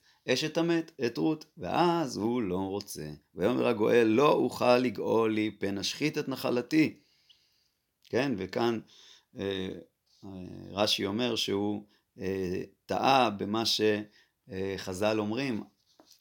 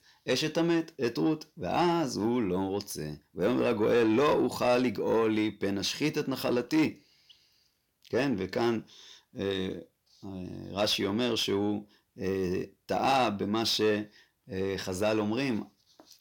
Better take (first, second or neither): first